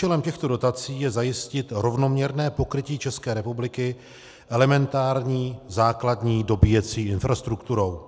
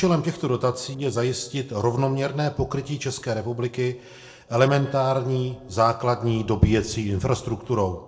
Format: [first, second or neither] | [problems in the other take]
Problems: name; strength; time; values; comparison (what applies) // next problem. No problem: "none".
first | noise reduction (neural separator model SepFormer DNS4)